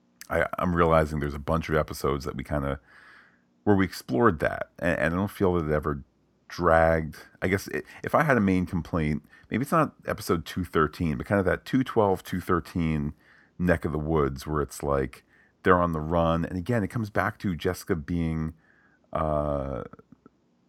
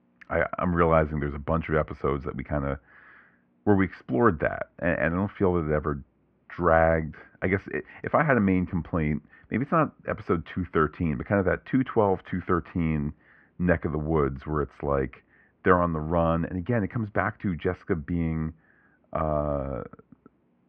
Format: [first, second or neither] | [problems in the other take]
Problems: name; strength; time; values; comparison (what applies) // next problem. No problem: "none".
first | muffled; very; fading above 2.5 kHz